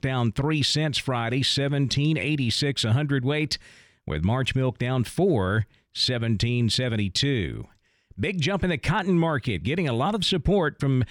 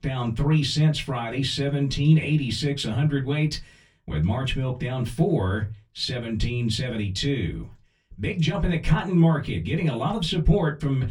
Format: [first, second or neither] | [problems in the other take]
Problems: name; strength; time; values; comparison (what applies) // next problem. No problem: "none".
first | off-mic speech; far // room echo; very slight; dies away in 0.2 s